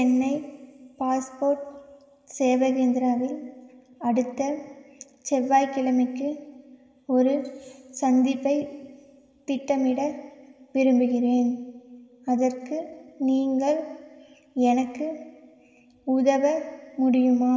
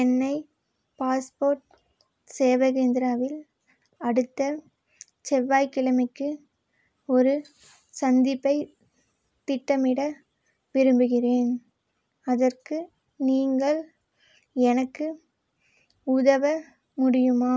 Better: second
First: room echo; dies away in 2 s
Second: none

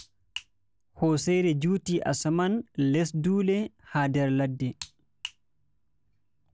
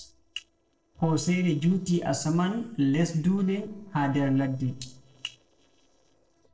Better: first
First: none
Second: noise reduction (neural separator model SepFormer DNS4)

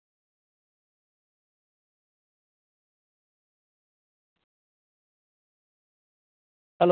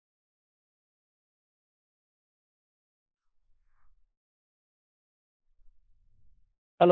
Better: first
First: none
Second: noise reduction (neural mask model Resemble Enhance denoiser)

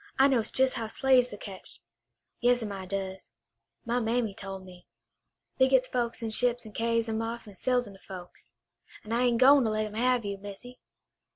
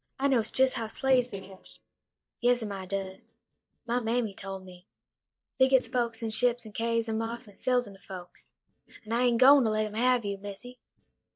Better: first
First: none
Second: noise reduction (neural mask model DeepFilterNet 3)

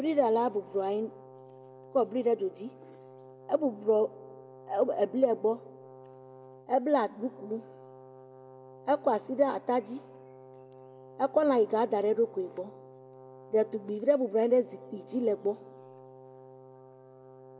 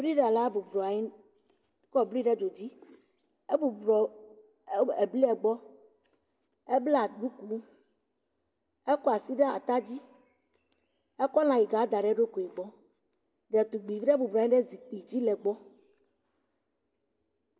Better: second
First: background sound (Brass instrument); 20 dB below the speech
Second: none

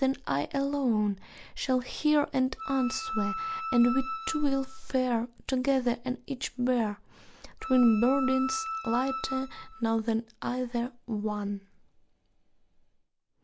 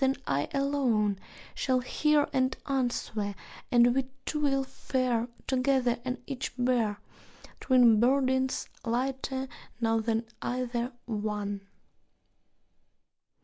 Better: second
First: background sound (Wind instrument, woodwind instrument); 7 dB below the speech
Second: none

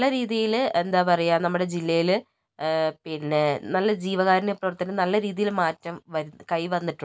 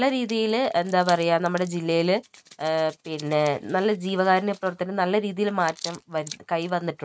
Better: first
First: none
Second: noise reduction (neural mask model RNNoise)

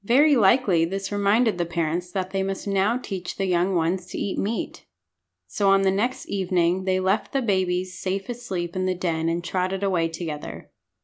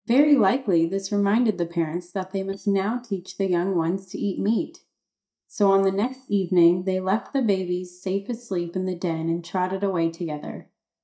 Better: first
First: none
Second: noise reduction (neural mask model DeepFilterNet 3)

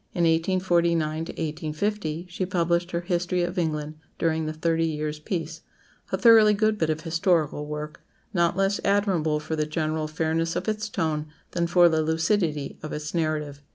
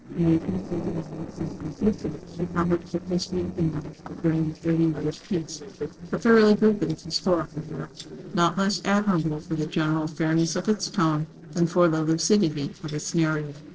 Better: first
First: none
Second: noise reduction (neural separator model SepFormer DNS4)

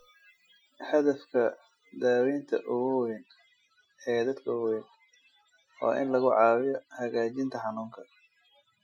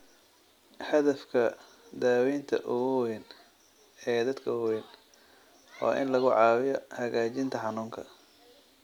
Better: second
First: noise reduction (classical method Wiener filter)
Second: none

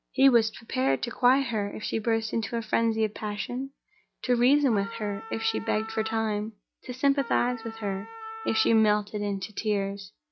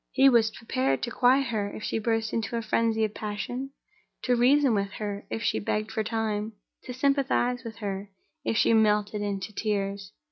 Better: second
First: background sound (Wind instrument, woodwind instrument); 14 dB below the speech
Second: none

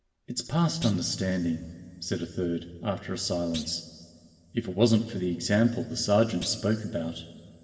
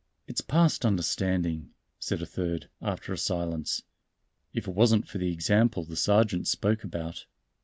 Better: second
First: background sound (Thump, thud); 17 dB below the speech // room echo; dies away in 2.2 s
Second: none

